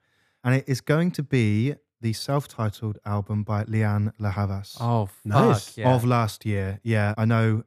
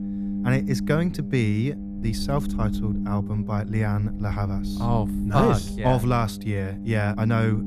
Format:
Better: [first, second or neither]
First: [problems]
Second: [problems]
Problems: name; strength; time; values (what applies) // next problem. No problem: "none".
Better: first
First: none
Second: low rumble; loud; throughout; 9 dB below the speech